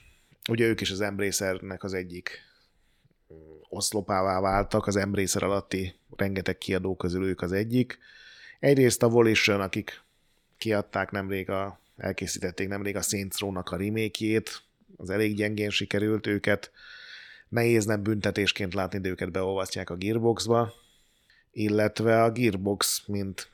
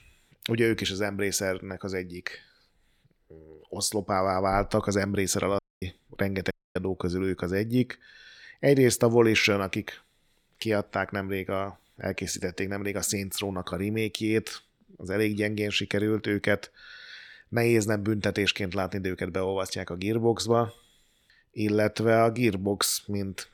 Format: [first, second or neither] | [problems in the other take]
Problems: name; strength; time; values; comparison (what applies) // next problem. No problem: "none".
first | audio cutting out; at 5.5 s and at 6.5 s